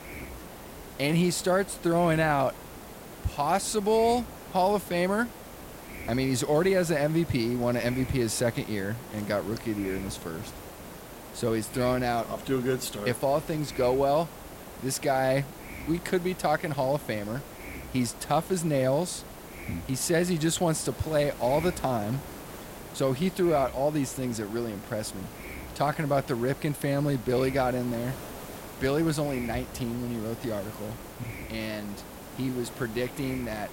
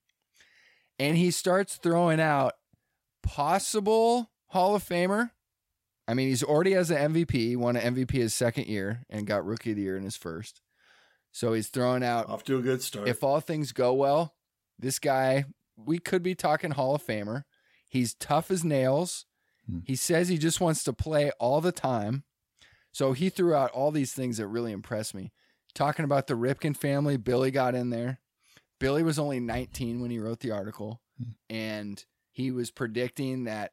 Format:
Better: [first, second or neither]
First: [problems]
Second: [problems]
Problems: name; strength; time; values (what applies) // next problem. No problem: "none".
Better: second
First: hiss; noticeable; throughout; 15 dB below the speech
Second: none